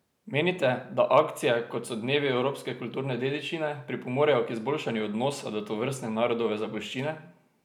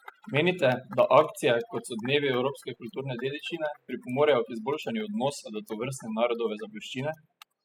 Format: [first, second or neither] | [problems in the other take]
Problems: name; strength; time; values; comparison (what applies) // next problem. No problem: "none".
first | noise reduction (classical method spectral subtraction)